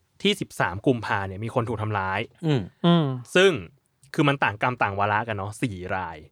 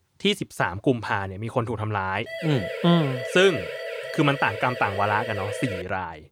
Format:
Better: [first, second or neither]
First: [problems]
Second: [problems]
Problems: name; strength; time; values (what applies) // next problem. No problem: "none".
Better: first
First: none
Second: siren; noticeable; from 2.5 to 6 s; peak 7 dB below the speech